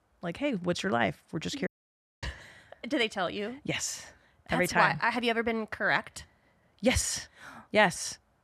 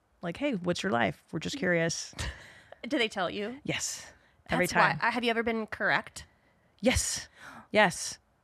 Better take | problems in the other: second | audio cutting out; at 1.5 s for 0.5 s

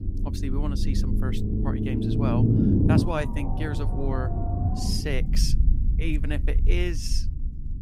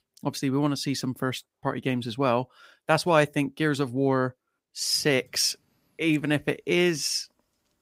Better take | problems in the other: second | low rumble; loud; throughout; as loud as the speech

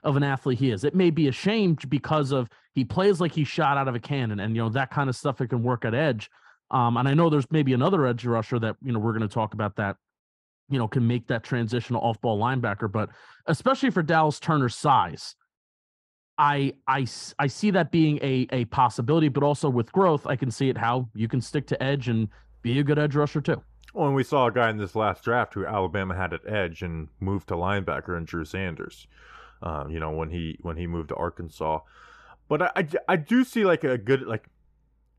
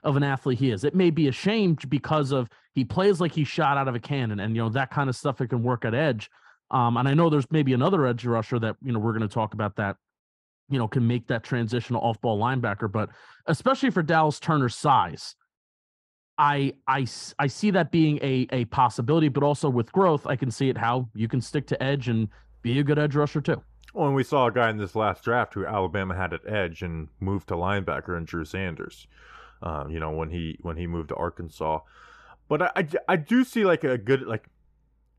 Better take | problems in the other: neither | muffled; slightly; fading above 3 kHz; the same in both

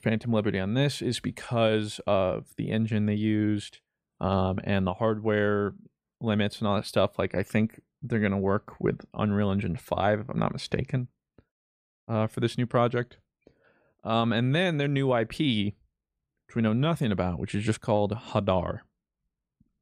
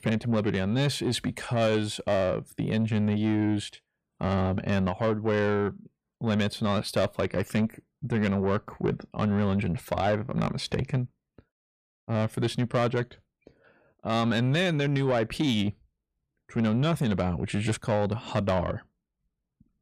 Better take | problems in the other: first | distortion; slight; 10 dB below the speech

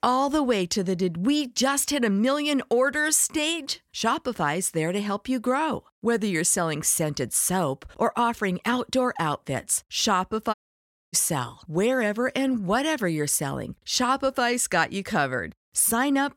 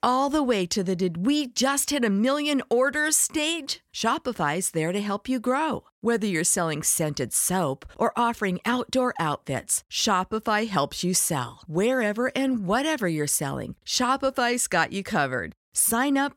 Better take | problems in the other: second | audio cutting out; at 11 s for 0.5 s

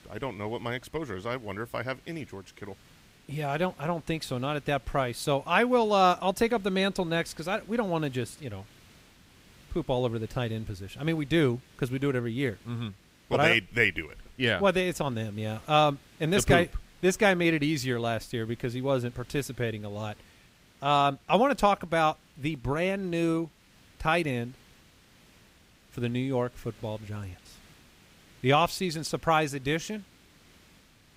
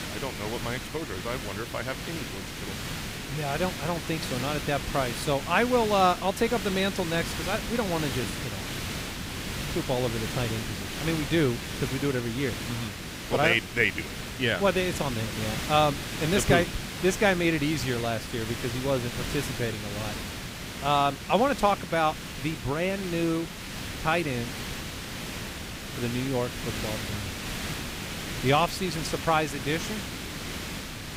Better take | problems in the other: first | hiss; loud; throughout; 6 dB below the speech; faint in the first

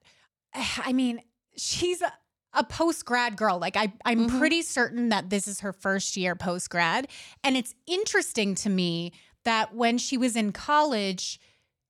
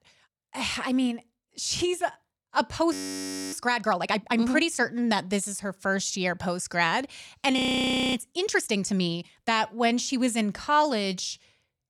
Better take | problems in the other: first | audio freezing; at 3 s for 0.5 s and at 7.5 s for 0.5 s

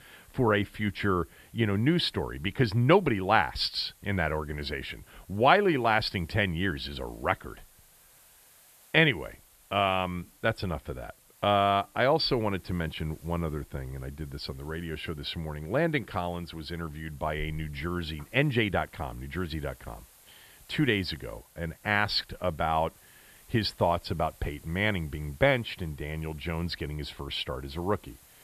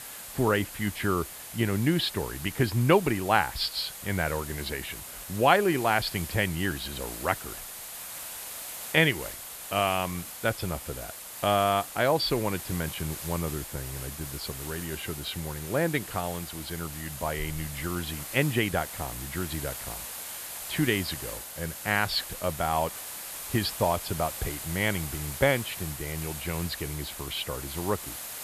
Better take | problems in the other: first | hiss; loud; throughout; 8 dB below the speech; faint in the first

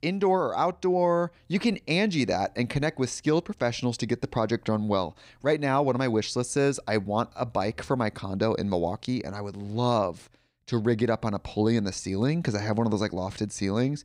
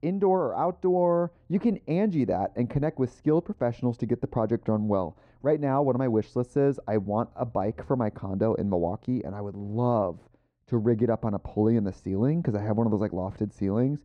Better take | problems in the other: first | muffled; very; fading above 2 kHz

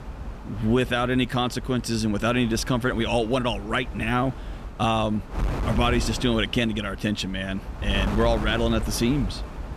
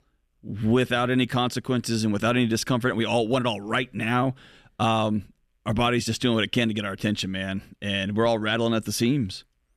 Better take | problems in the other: second | wind noise on the microphone; occasional gusts; 15 dB below the speech

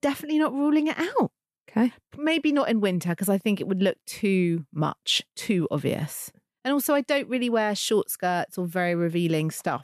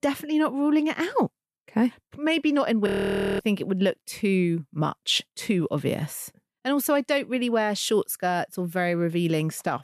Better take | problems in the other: first | audio freezing; at 3 s for 0.5 s

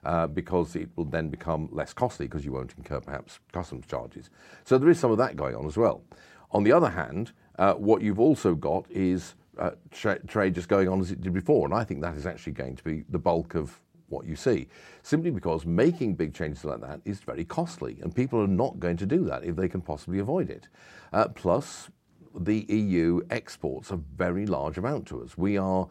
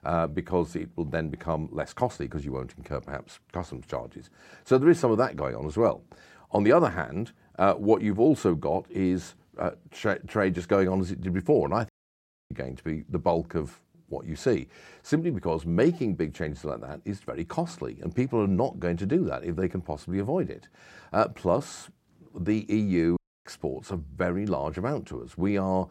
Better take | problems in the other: first | audio cutting out; at 12 s for 0.5 s and at 23 s

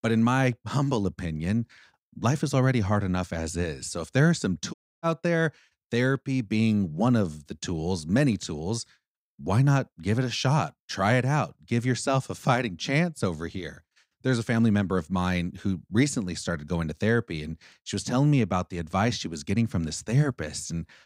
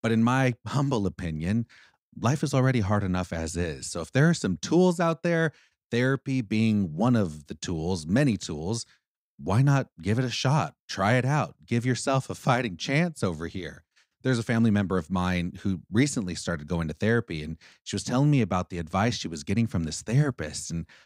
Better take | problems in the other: second | audio cutting out; at 4.5 s

